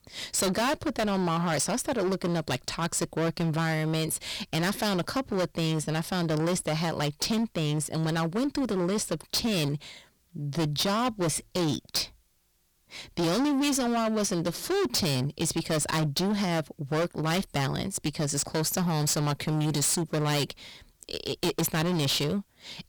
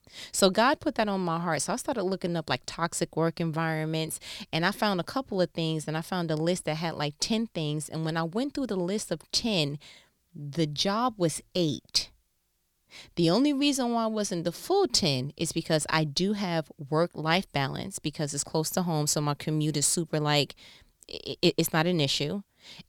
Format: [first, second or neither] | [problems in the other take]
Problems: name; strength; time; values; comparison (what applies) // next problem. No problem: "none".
second | distortion; heavy; 21% of the sound clipped